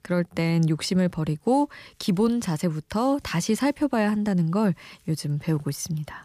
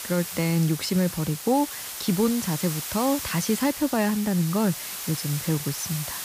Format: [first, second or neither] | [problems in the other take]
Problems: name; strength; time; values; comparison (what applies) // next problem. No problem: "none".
first | hiss; loud; throughout; 6 dB below the speech